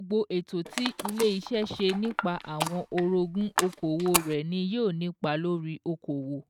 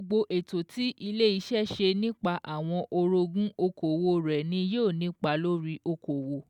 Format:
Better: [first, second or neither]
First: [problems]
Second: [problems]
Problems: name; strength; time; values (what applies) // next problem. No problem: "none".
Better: second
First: noise reduction (neural mask model RNNoise)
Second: none